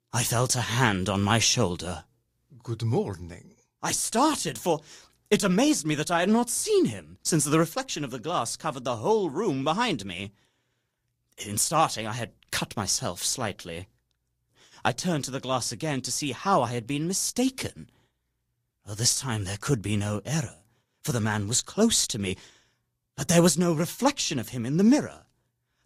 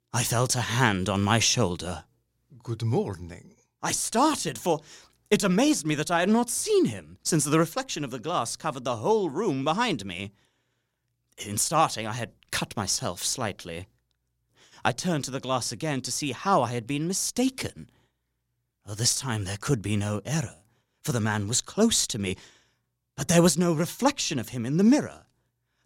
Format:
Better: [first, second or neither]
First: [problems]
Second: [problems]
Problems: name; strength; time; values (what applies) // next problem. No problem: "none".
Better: second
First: garbled, watery; slightly; nothing above 16 kHz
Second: none